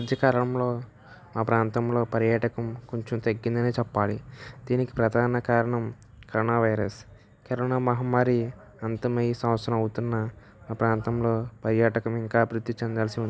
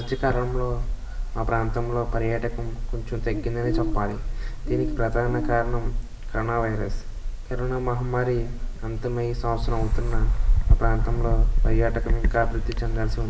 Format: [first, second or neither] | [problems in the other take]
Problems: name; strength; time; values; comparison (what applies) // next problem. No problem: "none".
first | background sound (Bird); 4 dB above the speech // room echo; dies away in 0.8 s